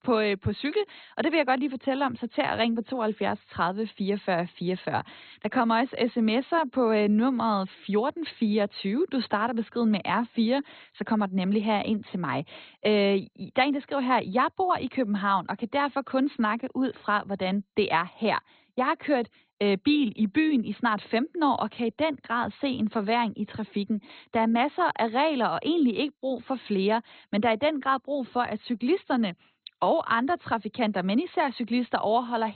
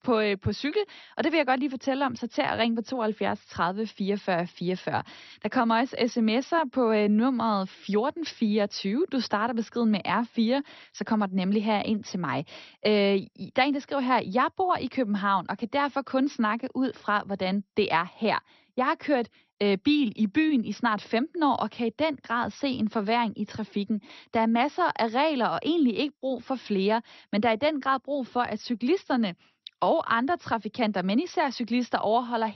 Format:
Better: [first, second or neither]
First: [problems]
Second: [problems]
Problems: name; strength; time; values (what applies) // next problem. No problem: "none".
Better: second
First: garbled, watery; badly; nothing above 4 kHz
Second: garbled, watery; slightly; nothing above 6 kHz